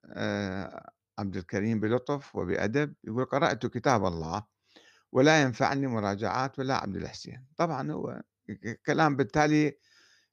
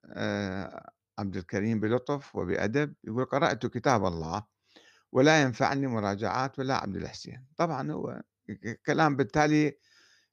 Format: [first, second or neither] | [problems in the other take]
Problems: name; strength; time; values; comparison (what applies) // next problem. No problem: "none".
neither | none